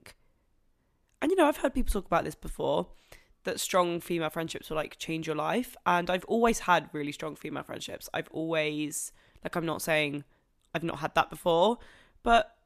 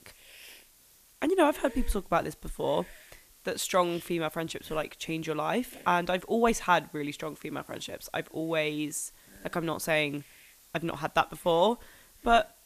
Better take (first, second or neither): first